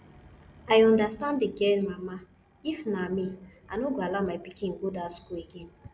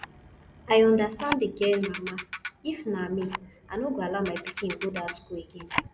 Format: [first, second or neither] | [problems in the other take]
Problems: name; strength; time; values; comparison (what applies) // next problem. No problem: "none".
first | background sound (Camera + Ratchet, pawl); 10 dB below the speech